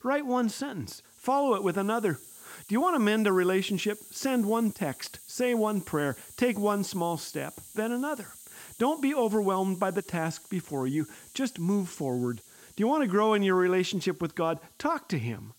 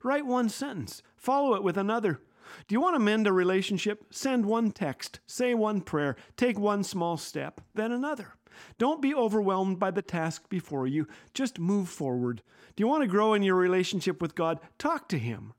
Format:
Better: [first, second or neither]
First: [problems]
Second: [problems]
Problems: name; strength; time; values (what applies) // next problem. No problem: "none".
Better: second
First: hiss; noticeable; throughout; 20 dB below the speech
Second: none